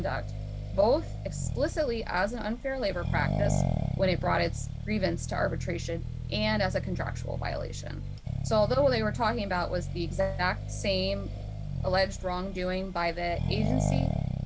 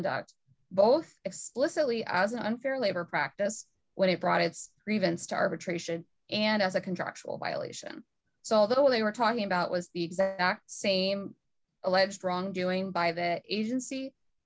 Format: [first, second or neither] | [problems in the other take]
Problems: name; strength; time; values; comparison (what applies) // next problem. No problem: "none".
second | background sound (Accelerating, revving, vroom); 2 dB below the speech